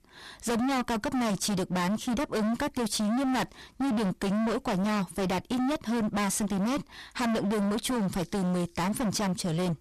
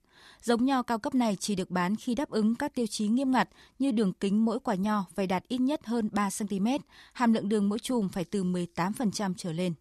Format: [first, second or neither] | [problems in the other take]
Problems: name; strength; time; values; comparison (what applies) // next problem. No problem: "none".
second | distortion; heavy; 41% of the sound clipped